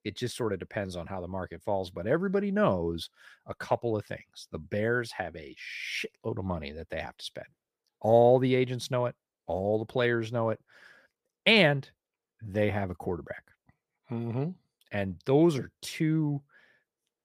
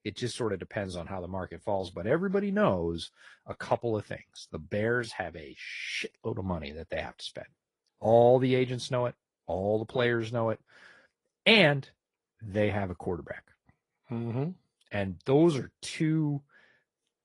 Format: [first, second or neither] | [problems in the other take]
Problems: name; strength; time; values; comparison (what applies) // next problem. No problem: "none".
first | garbled, watery; slightly; nothing above 11 kHz